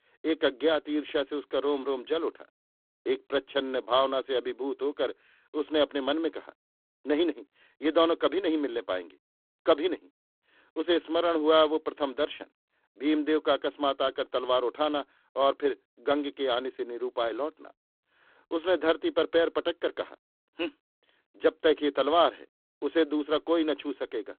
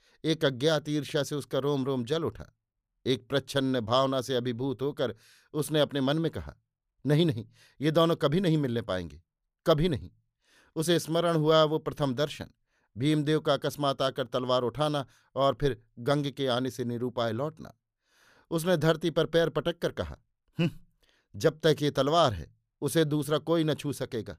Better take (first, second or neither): second